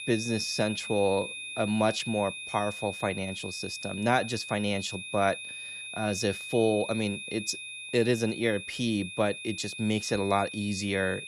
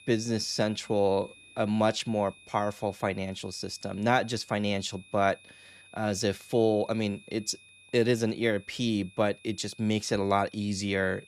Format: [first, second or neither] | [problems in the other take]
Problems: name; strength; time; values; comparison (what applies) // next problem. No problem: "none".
second | high-pitched whine; loud; throughout; 2.5 kHz, 8 dB below the speech; faint in the second